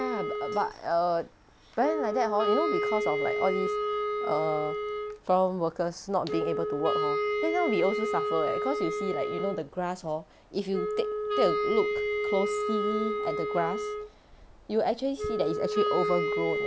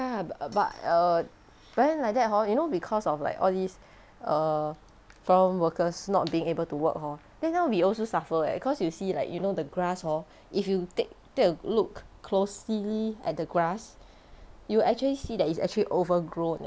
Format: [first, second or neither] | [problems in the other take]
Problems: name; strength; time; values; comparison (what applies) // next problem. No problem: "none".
second | background sound (Wind instrument, woodwind instrument); as loud as the speech